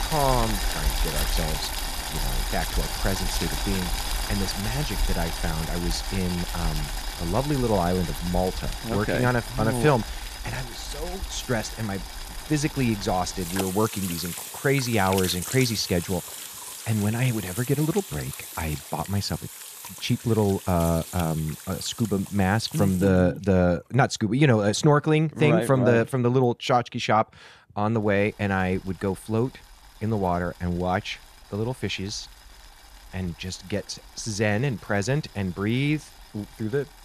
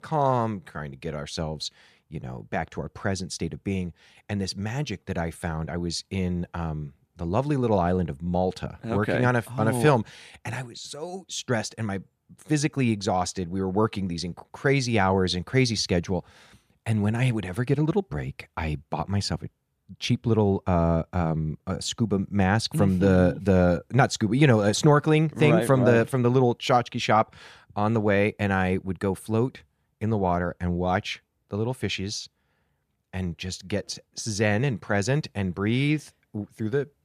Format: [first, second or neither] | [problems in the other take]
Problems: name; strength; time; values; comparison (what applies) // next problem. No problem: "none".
second | household noises; loud; throughout; 7 dB below the speech